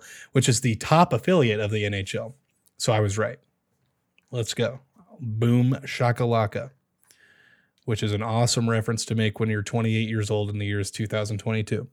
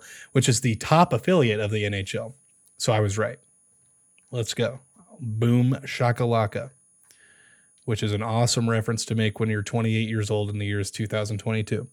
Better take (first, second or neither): first